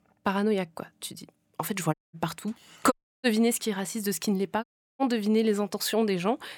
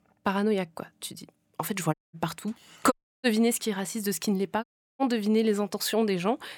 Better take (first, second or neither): neither